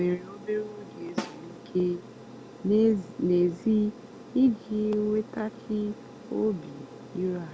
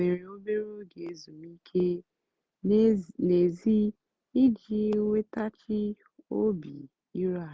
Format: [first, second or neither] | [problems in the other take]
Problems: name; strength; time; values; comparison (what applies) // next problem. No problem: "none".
second | background sound (Snare drum + Aircraft); 15 dB below the speech